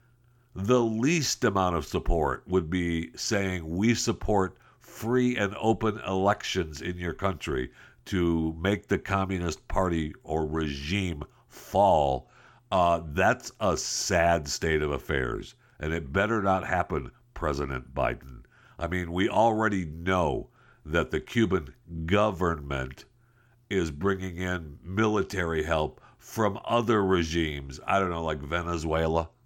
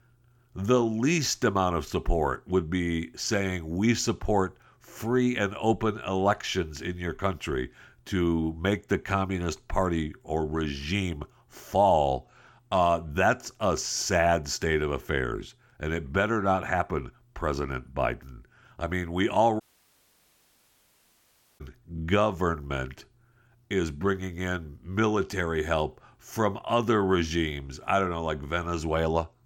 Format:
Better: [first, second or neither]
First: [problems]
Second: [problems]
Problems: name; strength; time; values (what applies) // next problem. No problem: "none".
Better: first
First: none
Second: audio cutting out; at 20 s for 2 s